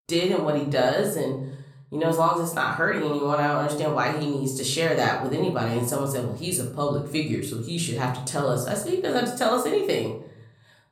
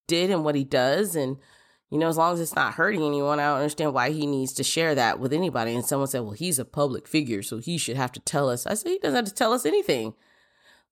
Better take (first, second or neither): second